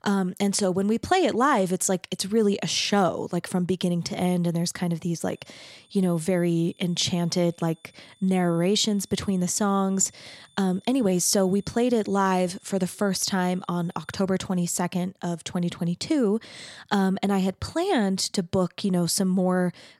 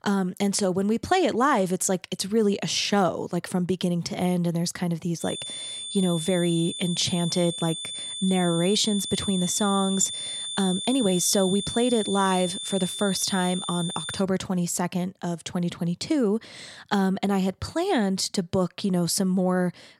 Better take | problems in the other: first | high-pitched whine; loud; from 5 to 14 s; 3.5 kHz, 6 dB below the speech; faint in the first

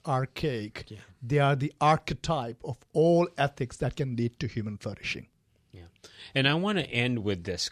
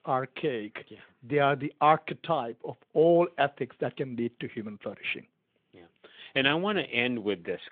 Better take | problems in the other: first | phone-call audio; nothing above 3.5 kHz

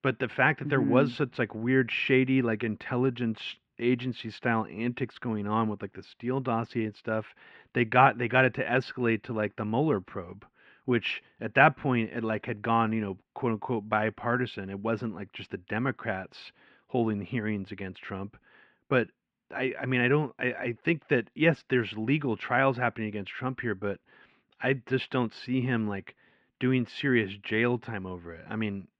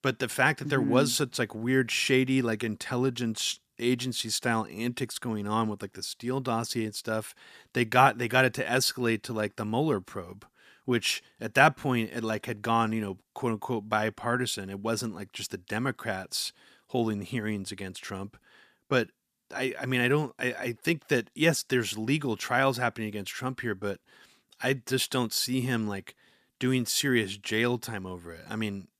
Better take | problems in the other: second | muffled; very; fading above 2.5 kHz

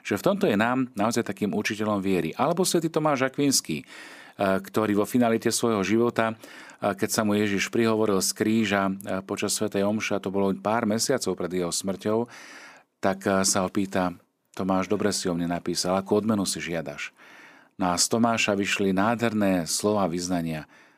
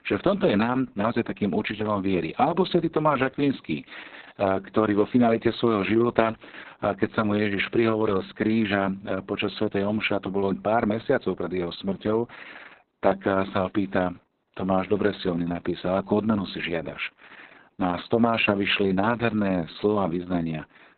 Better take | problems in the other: first | garbled, watery; badly; nothing above 4 kHz

